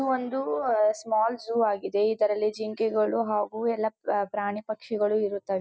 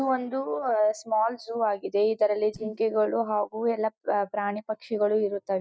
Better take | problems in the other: first | noise reduction (neural mask model DeepFilterNet 3)

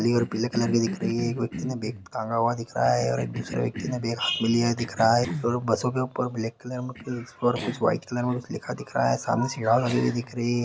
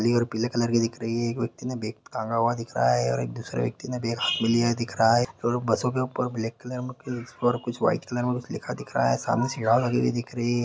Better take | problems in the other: second | background sound (Cough); 12 dB below the speech

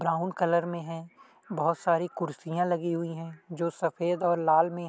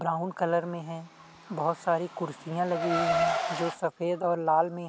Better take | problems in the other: first | background sound (Car); 5 dB below the speech

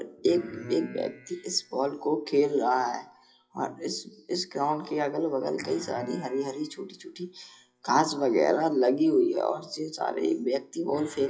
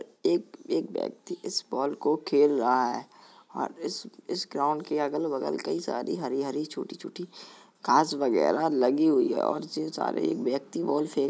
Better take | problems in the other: second | noise reduction (classical method WPE with log-MMSE)

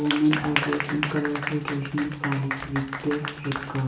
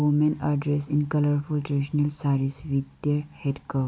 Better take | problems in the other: second | background sound (Applause); 5 dB below the speech // room echo; dies away in 1.1 s

